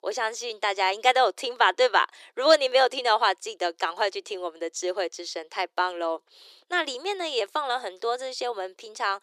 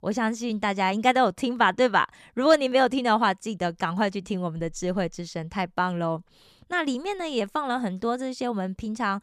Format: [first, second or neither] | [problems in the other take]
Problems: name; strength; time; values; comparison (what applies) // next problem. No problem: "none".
second | thin; very; fading below 350 Hz